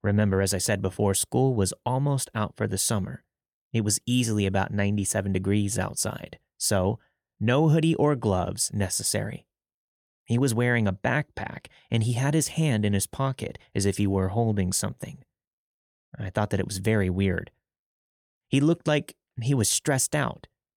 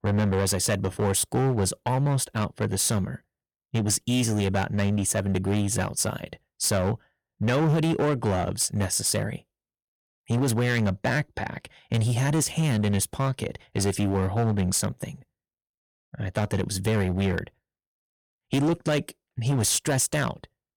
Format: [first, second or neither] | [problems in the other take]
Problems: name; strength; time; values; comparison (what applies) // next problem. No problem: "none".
first | distortion; slight; 11% of the sound clipped